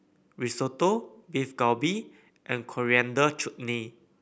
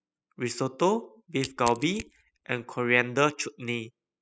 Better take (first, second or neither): first